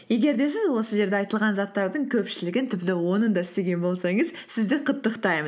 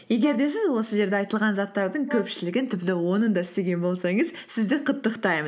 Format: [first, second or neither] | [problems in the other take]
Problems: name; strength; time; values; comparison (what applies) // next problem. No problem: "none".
first | background sound (Brass instrument); 18 dB below the speech